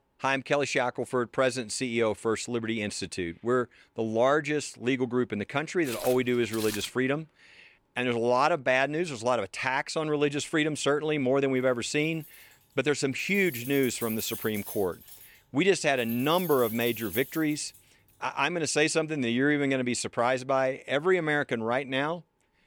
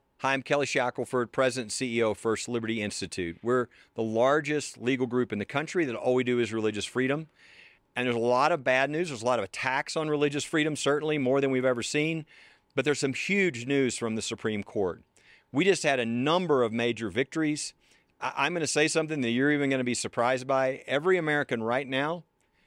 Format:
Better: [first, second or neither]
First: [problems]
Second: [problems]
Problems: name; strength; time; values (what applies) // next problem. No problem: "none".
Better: second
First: footsteps; noticeable; from 6 to 7 s; peak 8 dB below the speech // jangling keys; noticeable; from 12 to 18 s; peak 8 dB below the speech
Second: none